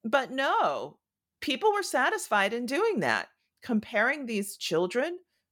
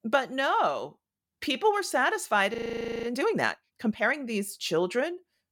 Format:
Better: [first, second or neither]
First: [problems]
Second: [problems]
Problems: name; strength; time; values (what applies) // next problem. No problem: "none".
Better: first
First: none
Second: audio freezing; at 2.5 s for 0.5 s